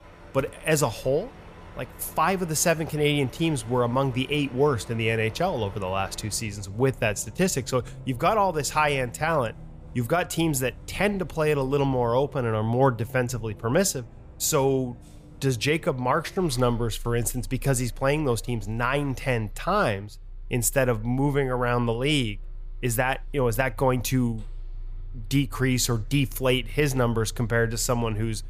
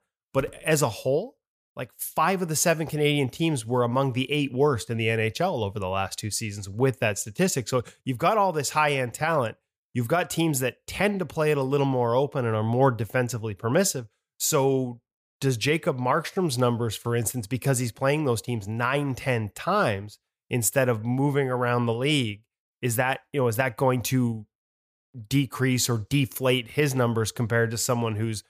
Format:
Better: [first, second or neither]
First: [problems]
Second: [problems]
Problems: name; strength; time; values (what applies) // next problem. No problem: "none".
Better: second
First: traffic noise; noticeable; throughout; 20 dB below the speech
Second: none